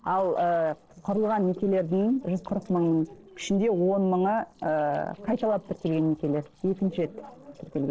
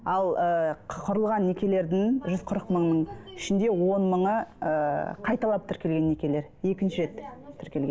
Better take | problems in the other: second | noise reduction (neural separator model SepFormer DNS4)

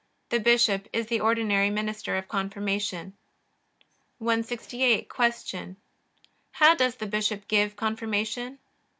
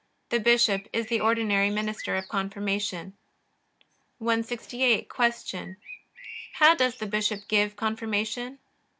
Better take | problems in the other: first | background sound (Bird); 16 dB below the speech

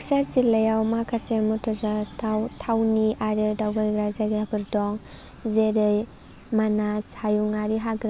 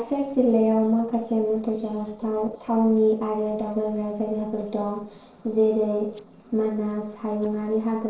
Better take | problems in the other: first | noise reduction (neural separator model SepFormer DNS4)

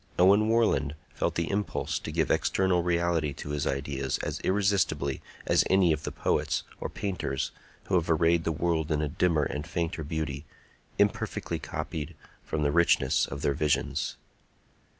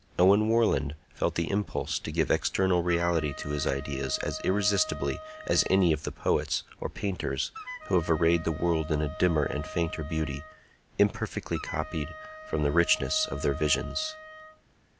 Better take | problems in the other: first | background sound (Wind instrument, woodwind instrument); 15 dB below the speech

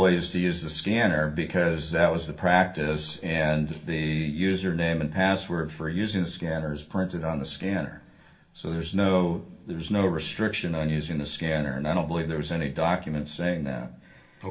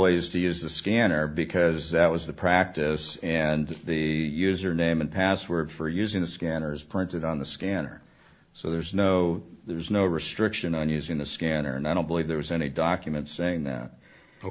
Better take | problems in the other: second | room echo; dies away in 0.5 s

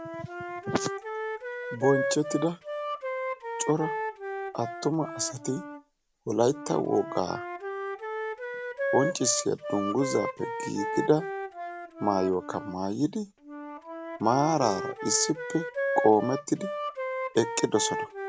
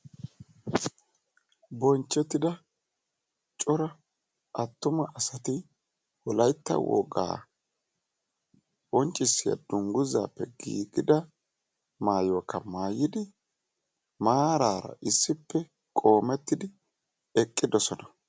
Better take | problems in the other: second | background sound (Wind instrument, woodwind instrument); 5 dB below the speech

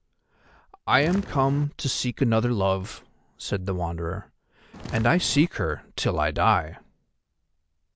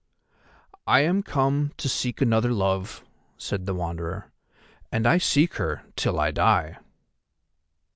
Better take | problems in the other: second | background sound (Walk, footsteps); 11 dB below the speech

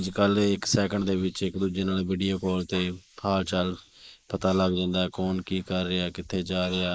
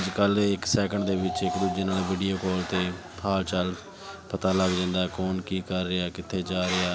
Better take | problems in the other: second | noise reduction (neural mask model Resemble Enhance denoiser)

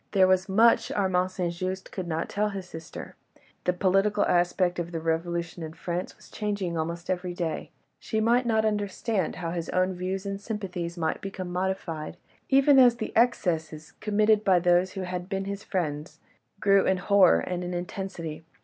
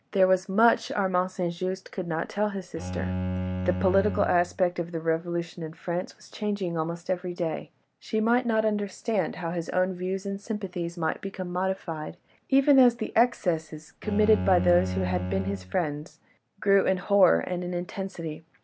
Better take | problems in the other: first | background sound (Bowed string instrument); 6 dB below the speech

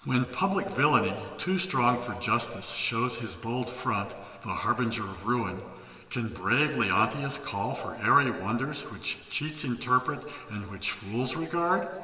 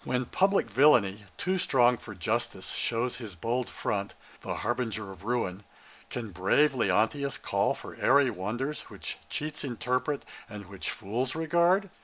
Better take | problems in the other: second | room echo; dies away in 1.9 s

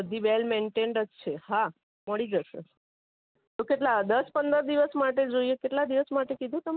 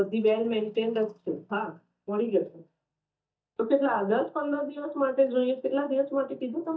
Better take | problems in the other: first | noise reduction (neural mask model DeepFilterNet 3)

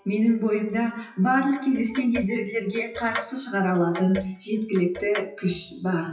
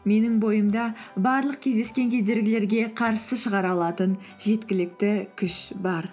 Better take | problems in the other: second | noise reduction (classical method WPE with log-MMSE)

